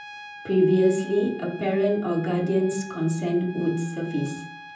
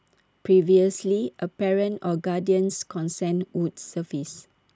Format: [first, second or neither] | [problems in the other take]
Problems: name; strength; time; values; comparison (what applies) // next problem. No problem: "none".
second | background sound (Trumpet); 18 dB below the speech // room echo; dies away in 0.6 s